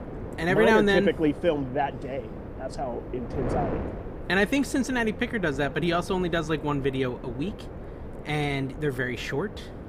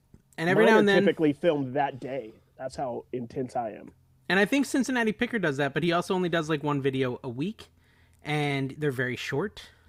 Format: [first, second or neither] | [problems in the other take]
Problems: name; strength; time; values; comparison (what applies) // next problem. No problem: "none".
second | wind noise on the microphone; occasional gusts; 15 dB below the speech